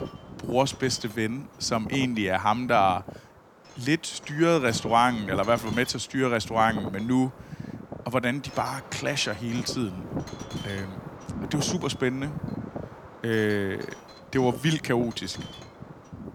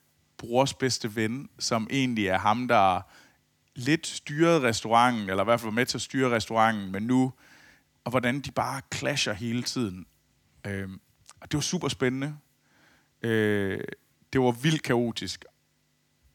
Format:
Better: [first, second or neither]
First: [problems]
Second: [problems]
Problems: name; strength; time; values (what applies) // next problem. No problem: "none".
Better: second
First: wind noise on the microphone; occasional gusts; 15 dB below the speech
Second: none